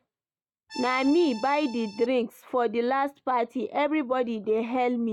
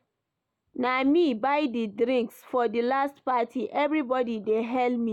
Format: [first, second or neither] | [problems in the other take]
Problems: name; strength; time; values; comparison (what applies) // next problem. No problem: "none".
second | noise reduction (neural mask model RNNoise)